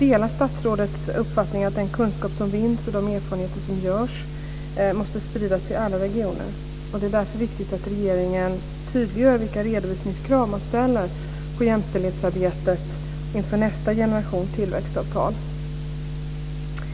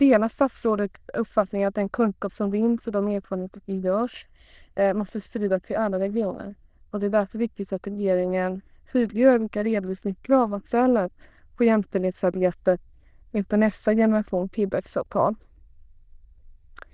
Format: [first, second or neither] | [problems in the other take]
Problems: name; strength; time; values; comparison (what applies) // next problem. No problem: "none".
first | noise reduction (neural diffusion model UNIVERSE++)